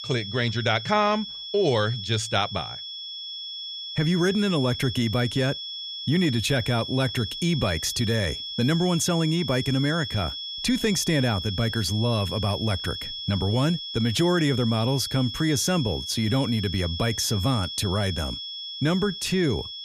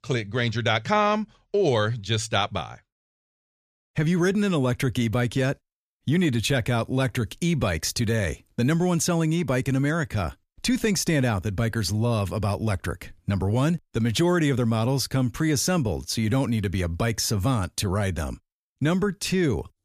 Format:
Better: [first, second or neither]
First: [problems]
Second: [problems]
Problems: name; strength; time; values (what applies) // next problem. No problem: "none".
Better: second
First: high-pitched whine; loud; throughout; 3.5 kHz, 7 dB below the speech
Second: none